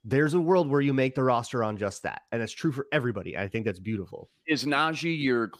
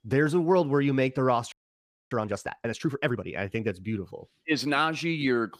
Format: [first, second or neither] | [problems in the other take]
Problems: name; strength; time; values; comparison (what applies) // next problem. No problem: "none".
first | audio freezing; at 1.5 s for 0.5 s